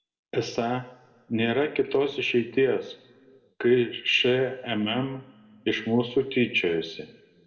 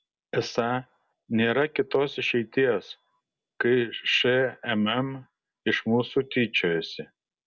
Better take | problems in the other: second | room echo; dies away in 0.9 s

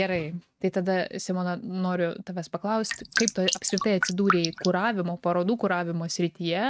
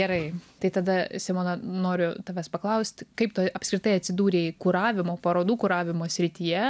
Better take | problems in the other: second | noise reduction (neural mask model RNNoise)

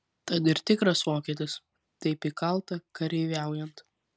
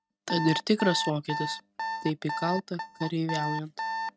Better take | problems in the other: first | noise reduction (neural mask model RNNoise)

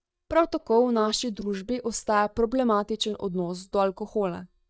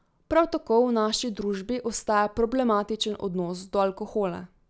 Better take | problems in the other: second | noise reduction (neural mask model DeepFilterNet 3)

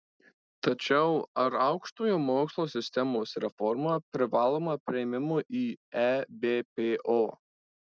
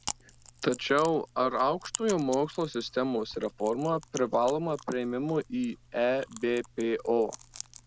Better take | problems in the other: first | background sound (Chewing, mastication); 16 dB below the speech

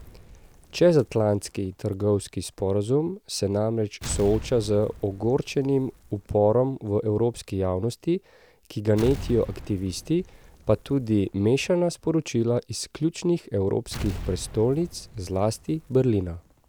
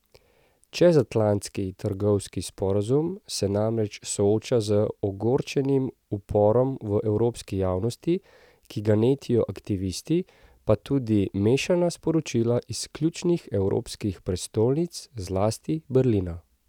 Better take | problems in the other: second | background sound (Explosion); 16 dB below the speech

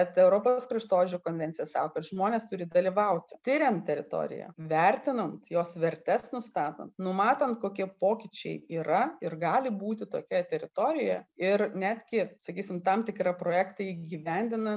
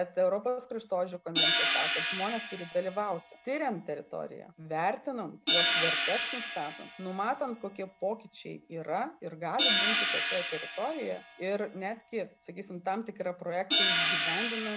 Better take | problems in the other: first | background sound (Hi-hat); 1 dB above the speech

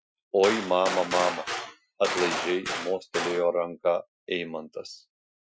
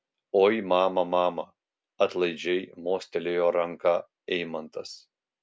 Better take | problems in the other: second | noise reduction (classical method Wiener filter)

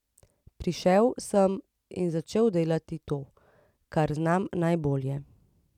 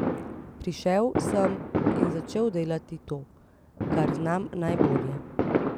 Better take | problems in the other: first | background sound (Fireworks); as loud as the speech

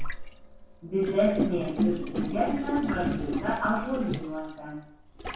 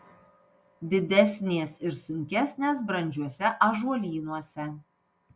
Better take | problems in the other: second | background sound (Gurgling); 2 dB below the speech // room echo; dies away in 0.7 s

